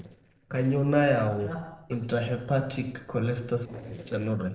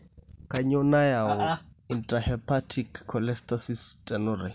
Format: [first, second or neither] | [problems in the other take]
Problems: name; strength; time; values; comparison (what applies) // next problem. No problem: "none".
second | noise reduction (neural separator model SepFormer DNS4)